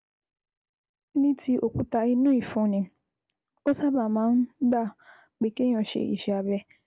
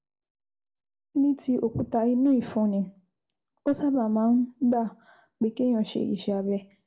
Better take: first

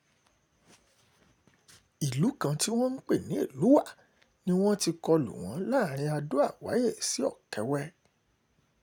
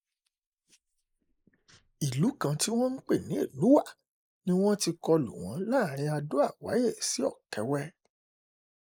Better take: first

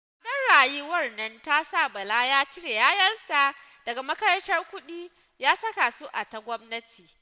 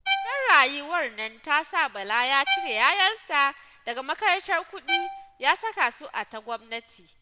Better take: first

